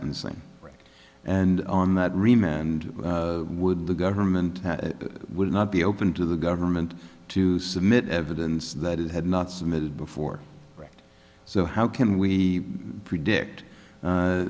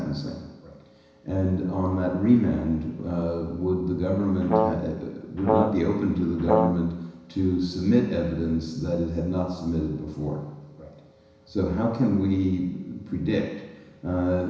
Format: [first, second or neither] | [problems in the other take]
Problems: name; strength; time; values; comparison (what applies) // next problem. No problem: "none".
first | background sound (Brass instrument); as loud as the speech // room echo; dies away in 1 s